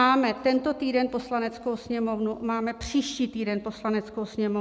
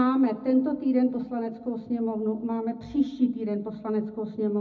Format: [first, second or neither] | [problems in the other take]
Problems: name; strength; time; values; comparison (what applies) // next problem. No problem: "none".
first | room echo; dies away in 0.4 s